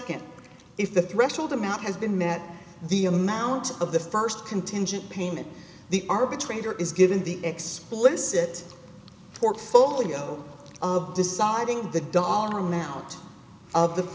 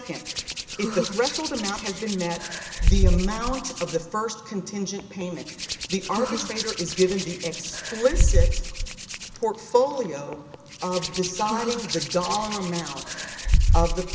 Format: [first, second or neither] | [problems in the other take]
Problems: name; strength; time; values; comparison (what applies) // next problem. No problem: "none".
first | background sound (Hands); 2 dB above the speech